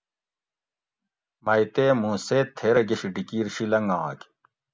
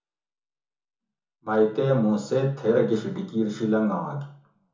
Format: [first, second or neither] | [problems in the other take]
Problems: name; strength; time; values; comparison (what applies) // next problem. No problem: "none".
first | room echo; dies away in 0.7 s